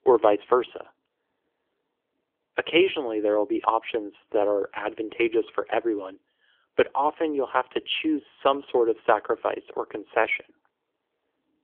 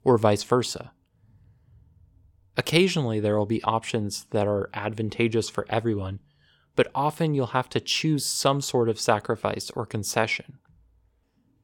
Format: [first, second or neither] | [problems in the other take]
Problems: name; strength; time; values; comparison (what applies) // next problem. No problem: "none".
second | phone-call audio; nothing above 3.5 kHz